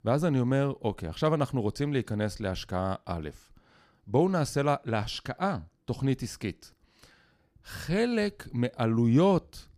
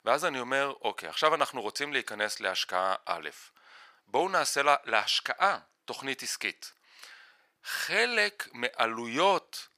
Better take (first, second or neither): first